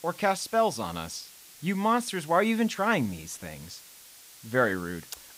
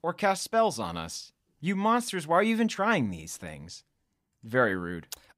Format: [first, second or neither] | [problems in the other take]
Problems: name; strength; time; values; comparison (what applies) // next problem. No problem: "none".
second | hiss; noticeable; throughout; 20 dB below the speech